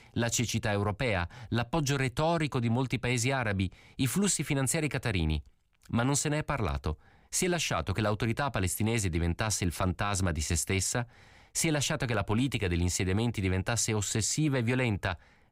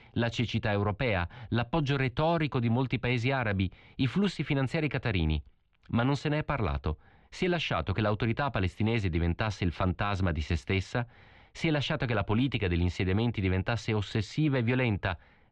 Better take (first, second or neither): first